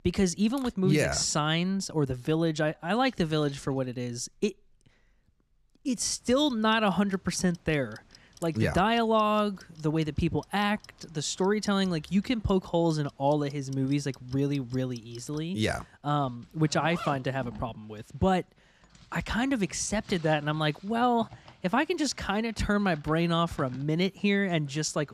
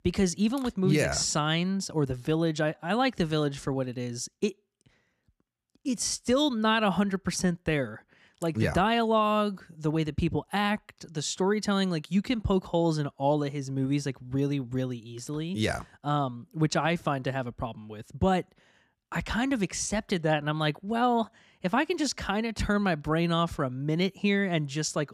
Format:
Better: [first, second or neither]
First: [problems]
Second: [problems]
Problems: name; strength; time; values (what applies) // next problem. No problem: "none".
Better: second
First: household noises; faint; throughout; 25 dB below the speech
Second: none